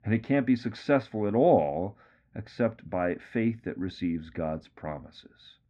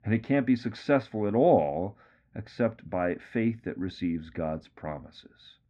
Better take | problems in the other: neither | muffled; slightly; fading above 2 kHz; the same in both

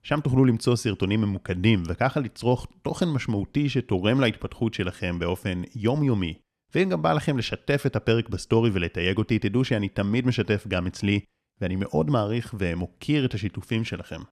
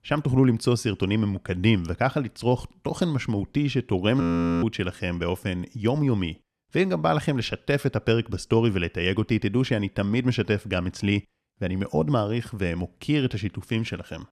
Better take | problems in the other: first | audio freezing; at 4 s

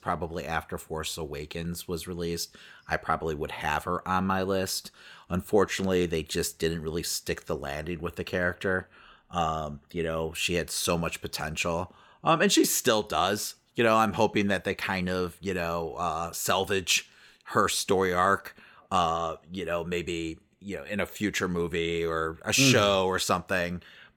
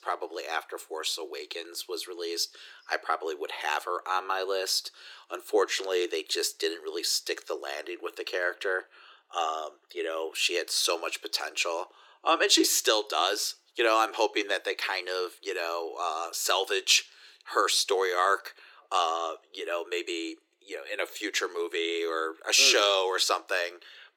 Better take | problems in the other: first | thin; very; fading below 350 Hz

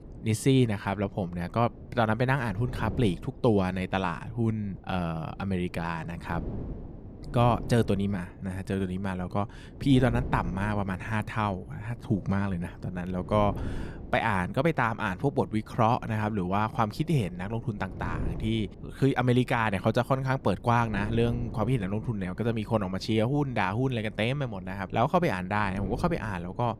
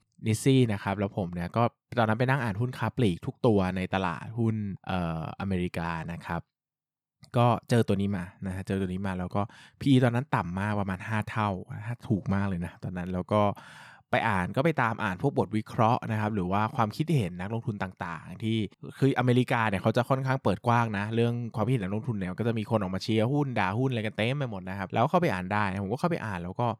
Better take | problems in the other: second | wind noise on the microphone; occasional gusts; 20 dB below the speech

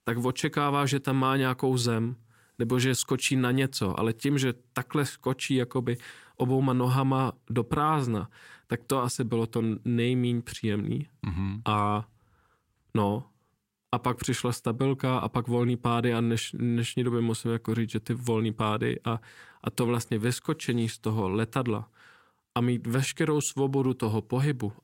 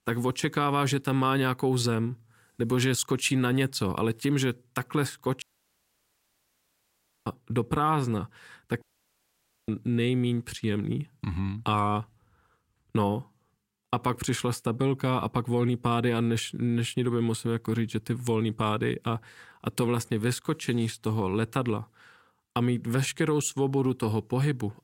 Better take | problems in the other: first | audio cutting out; at 5.5 s for 2 s and at 9 s for 1 s

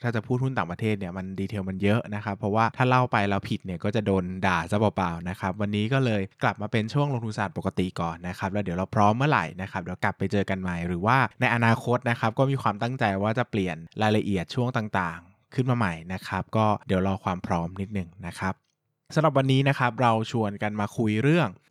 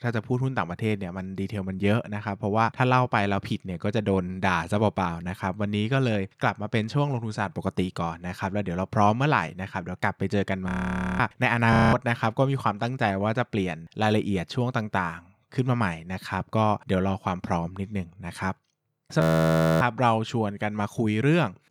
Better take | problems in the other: first | audio freezing; at 11 s for 0.5 s, at 12 s and at 19 s for 0.5 s

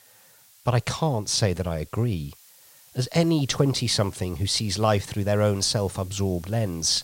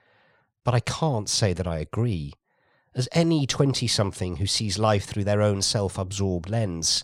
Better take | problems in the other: second | hiss; faint; throughout; 25 dB below the speech

